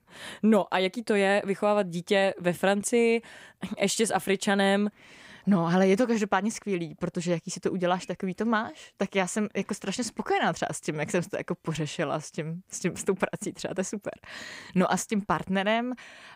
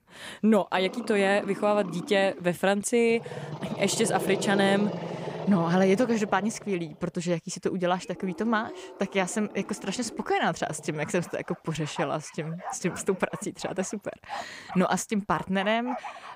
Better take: first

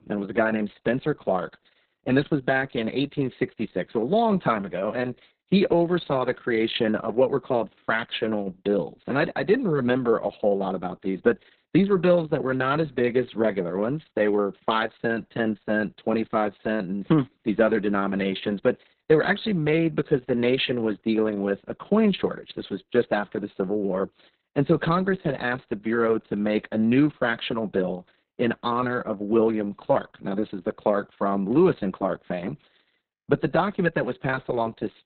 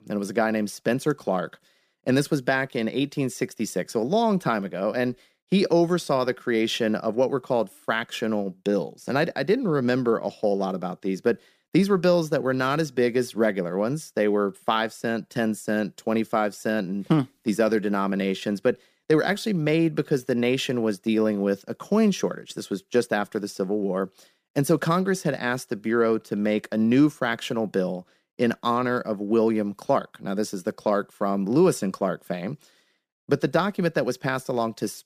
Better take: second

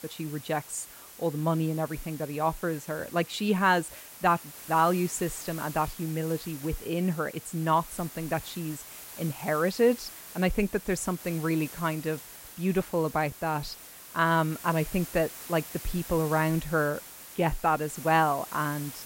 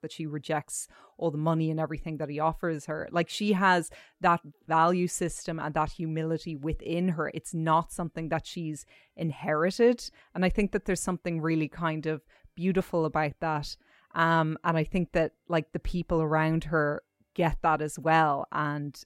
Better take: second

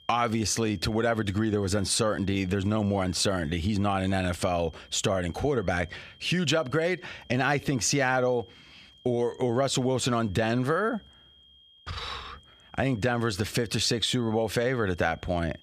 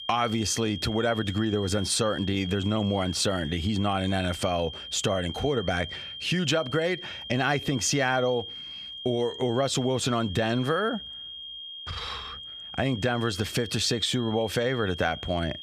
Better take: first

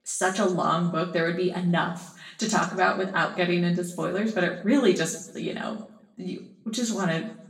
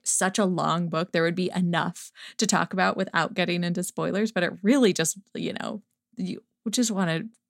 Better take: second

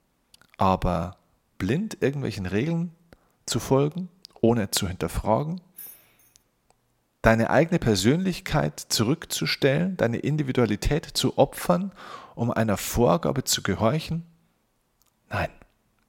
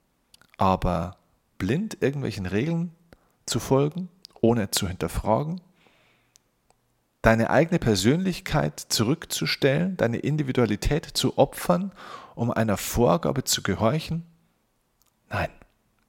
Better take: second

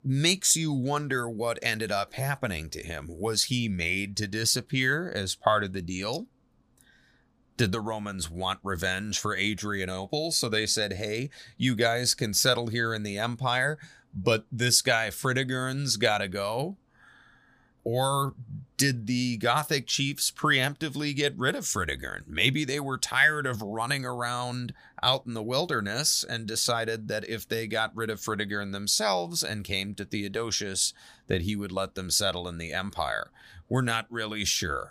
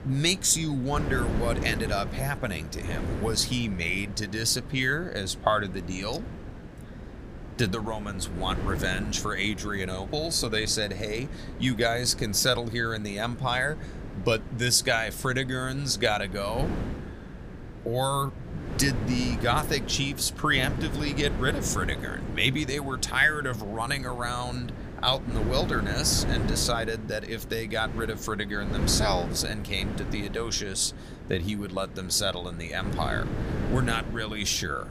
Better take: first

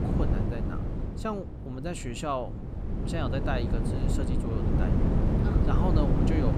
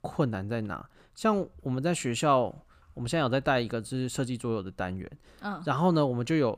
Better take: second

